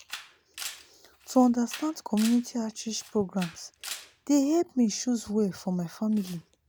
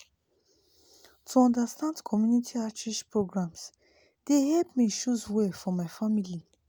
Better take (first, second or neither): second